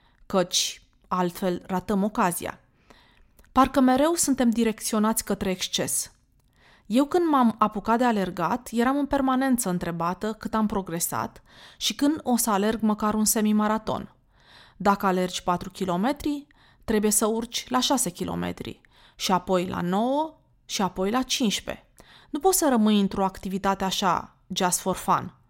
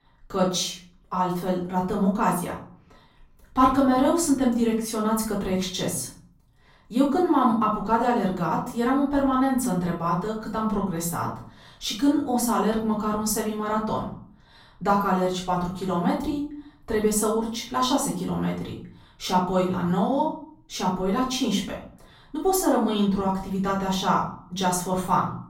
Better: first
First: none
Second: off-mic speech; far // room echo; noticeable; dies away in 0.5 s

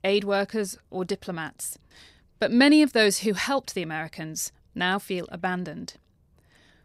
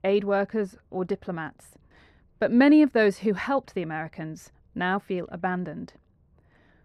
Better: first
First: none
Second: muffled; very; fading above 3 kHz

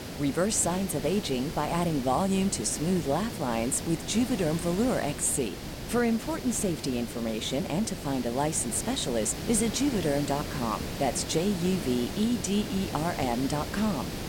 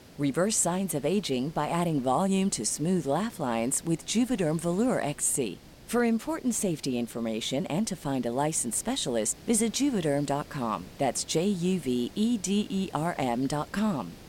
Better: second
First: hiss; loud; throughout; 8 dB below the speech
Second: hiss; faint; throughout; 20 dB below the speech

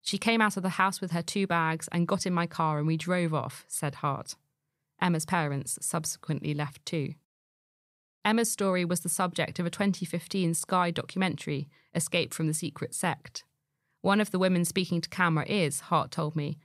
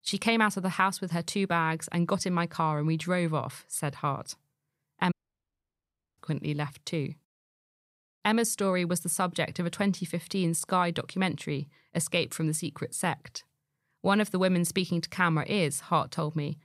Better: first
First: none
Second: audio cutting out; at 5 s for 1 s

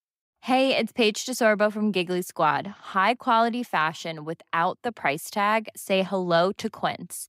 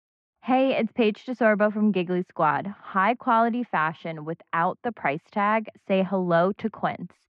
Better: first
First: none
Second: muffled; very; fading above 2.5 kHz

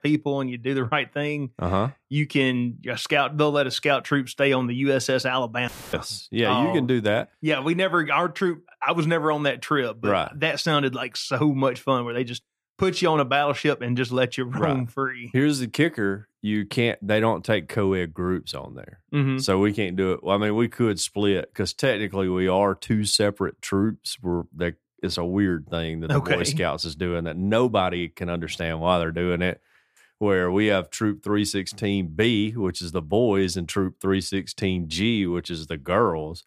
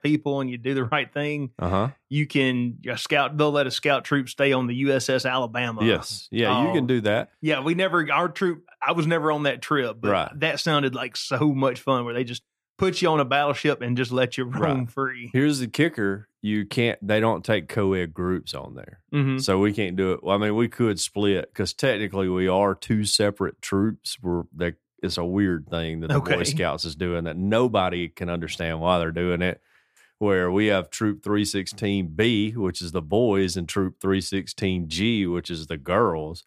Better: second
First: audio cutting out; filled with static; at 5.5 s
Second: none

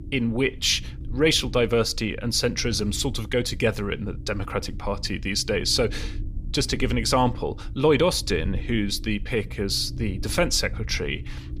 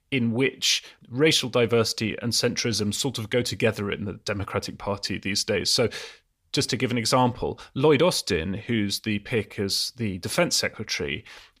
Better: second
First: low rumble; faint; throughout; 25 dB below the speech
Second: none

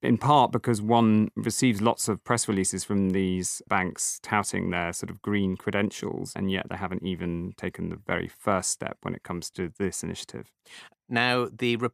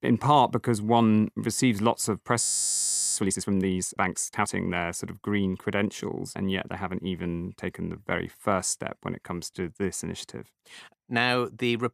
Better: first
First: none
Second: audio freezing; at 2.5 s for 0.5 s

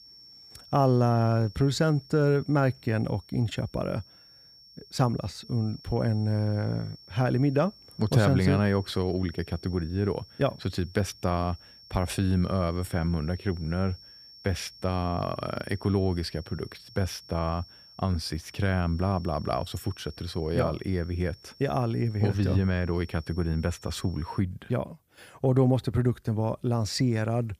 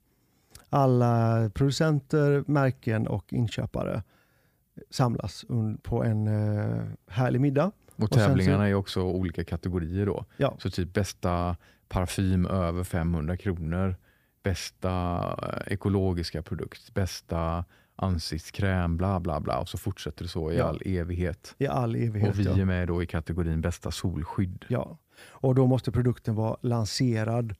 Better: second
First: high-pitched whine; faint; until 24 s; 5.5 kHz, 20 dB below the speech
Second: none

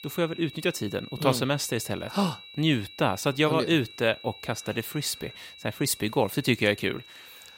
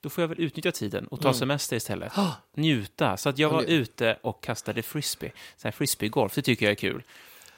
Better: second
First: high-pitched whine; noticeable; throughout; 4 kHz, 15 dB below the speech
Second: none

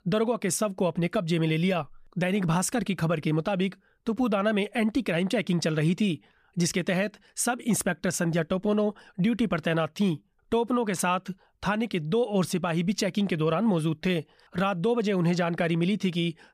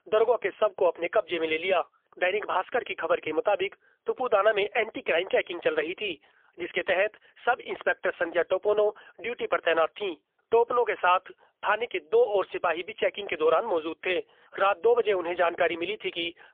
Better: first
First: none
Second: phone-call audio; poor line; nothing above 3.5 kHz

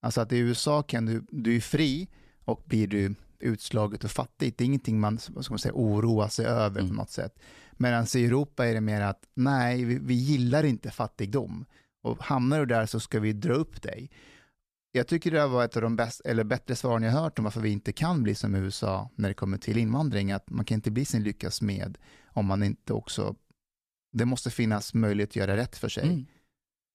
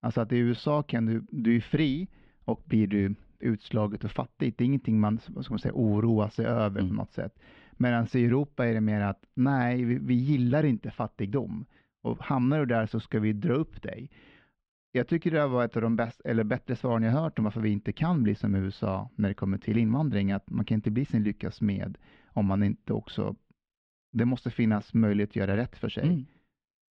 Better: first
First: none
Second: muffled; very; fading above 3 kHz

